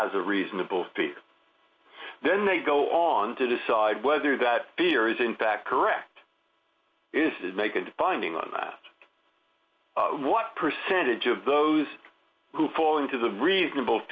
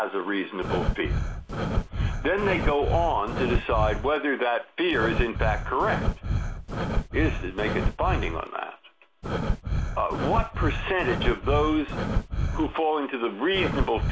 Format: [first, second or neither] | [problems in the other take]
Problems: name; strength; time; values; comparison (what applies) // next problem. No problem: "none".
first | background sound (Breathing); 1 dB below the speech